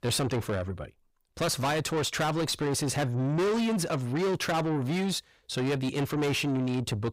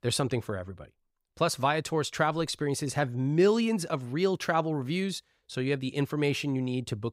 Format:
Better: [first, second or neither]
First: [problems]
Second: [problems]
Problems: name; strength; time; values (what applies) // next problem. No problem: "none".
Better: second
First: distortion; heavy; 6 dB below the speech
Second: none